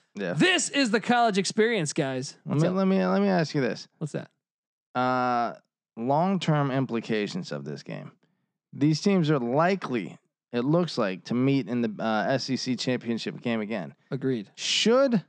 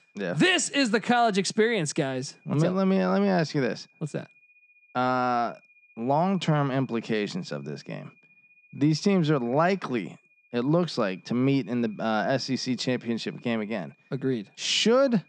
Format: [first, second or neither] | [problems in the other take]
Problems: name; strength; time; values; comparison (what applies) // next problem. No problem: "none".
first | high-pitched whine; faint; throughout; 2.5 kHz, 30 dB below the speech